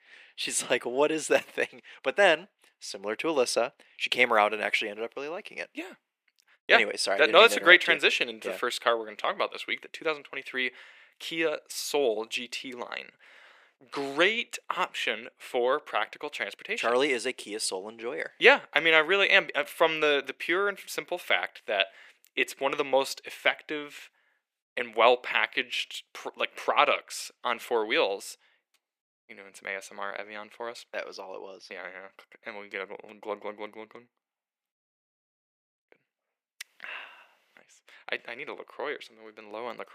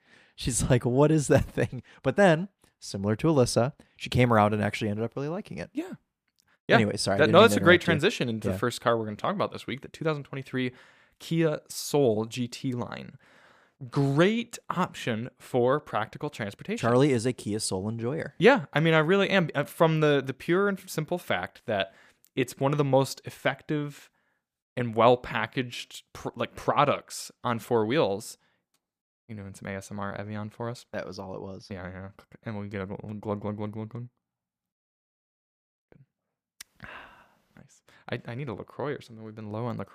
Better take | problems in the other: second | thin; very; fading below 400 Hz

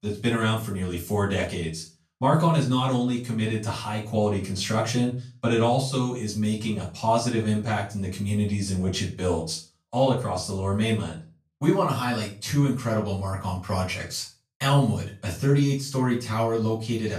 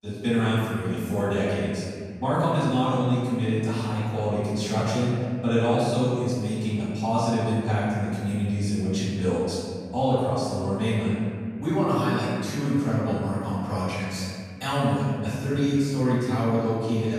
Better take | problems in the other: first | room echo; strong; dies away in 2.2 s; slight in the first // off-mic speech; far; far in the first

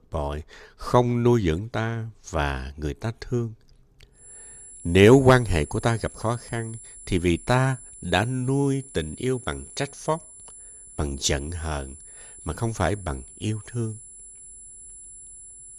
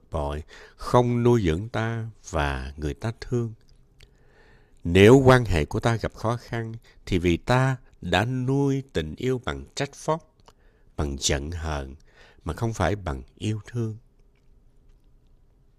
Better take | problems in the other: second | high-pitched whine; noticeable; from 4 s on; 10 kHz, 15 dB below the speech

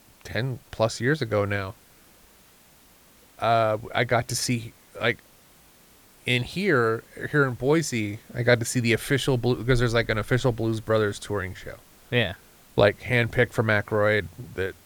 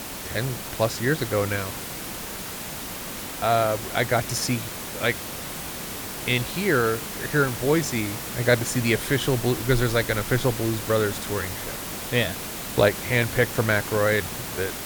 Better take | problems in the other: first | hiss; loud; throughout; 7 dB below the speech; faint in the first

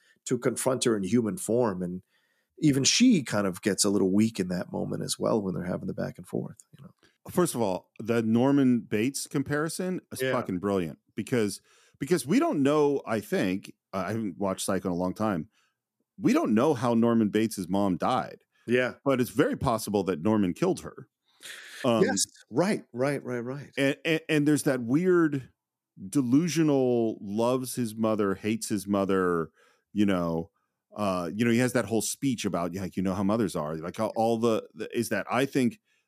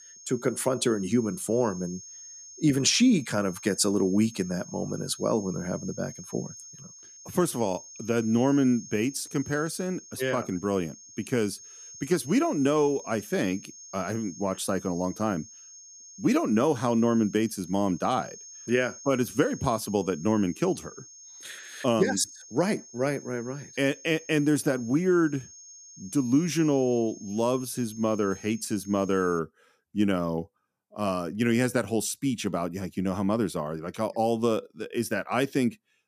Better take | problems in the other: first | high-pitched whine; noticeable; until 29 s; 6.5 kHz, 15 dB below the speech

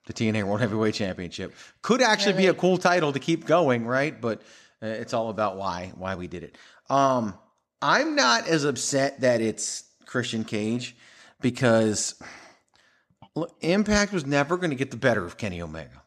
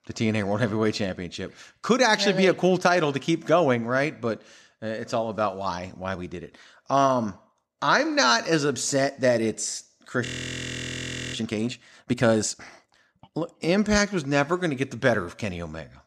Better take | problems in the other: first | audio freezing; at 10 s for 1 s

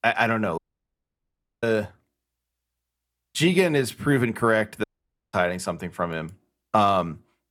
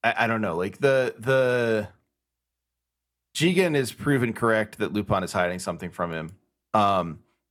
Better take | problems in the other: second | audio cutting out; at 0.5 s for 1 s and at 5 s

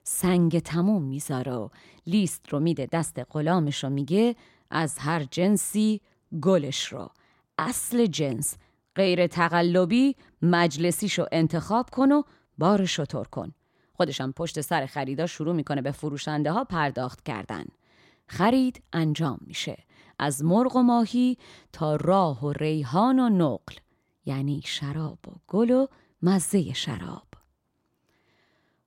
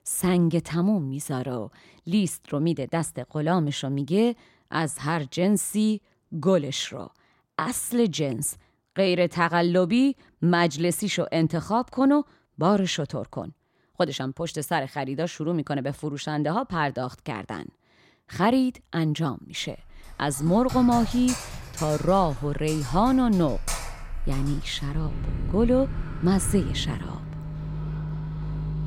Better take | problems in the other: first | household noises; loud; from 20 s on; 9 dB below the speech

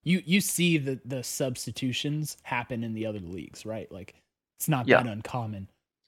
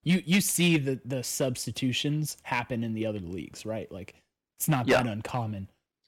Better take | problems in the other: first | distortion; slight; 2% of the sound clipped

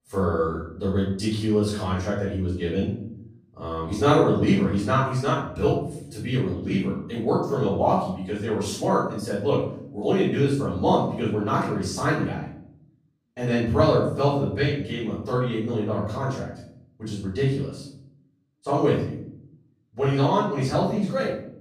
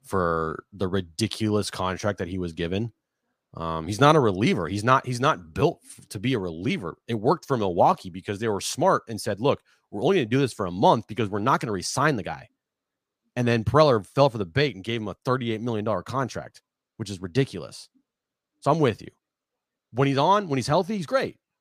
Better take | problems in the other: second | room echo; noticeable; dies away in 0.8 s // off-mic speech; far

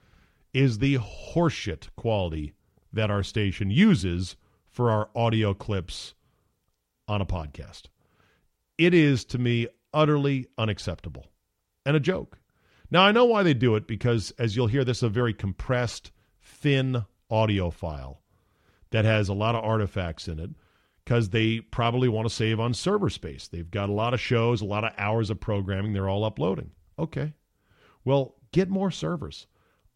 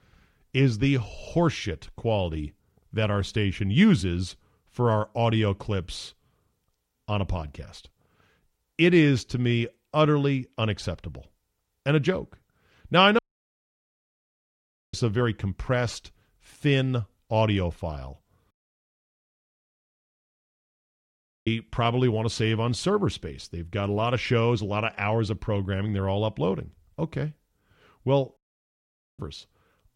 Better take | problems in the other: first | audio cutting out; at 13 s for 1.5 s, at 19 s for 3 s and at 28 s for 1 s

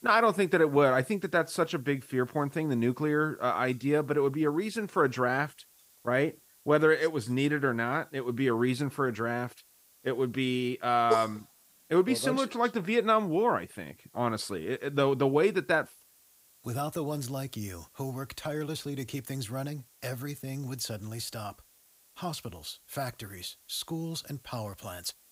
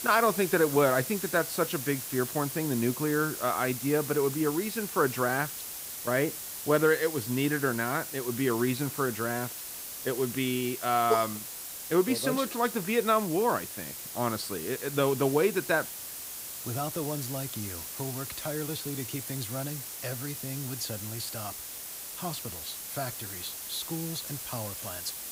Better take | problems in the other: first | hiss; loud; throughout; 6 dB below the speech; faint in the first

